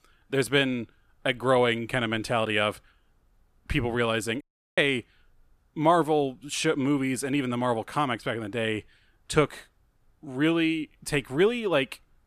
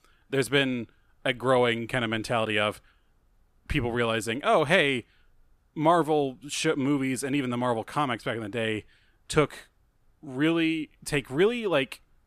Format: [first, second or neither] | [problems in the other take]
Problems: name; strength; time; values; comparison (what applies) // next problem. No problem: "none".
second | audio cutting out; at 4.5 s